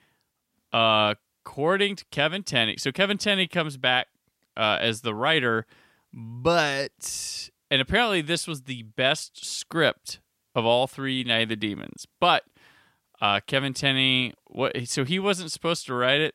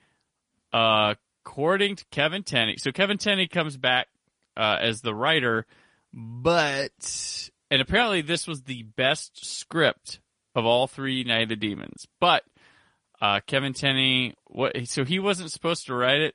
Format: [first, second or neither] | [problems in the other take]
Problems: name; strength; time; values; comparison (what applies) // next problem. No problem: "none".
first | garbled, watery; slightly; nothing above 10.5 kHz